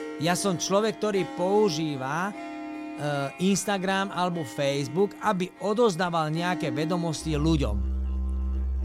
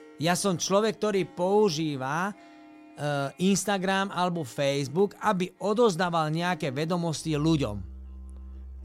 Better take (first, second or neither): second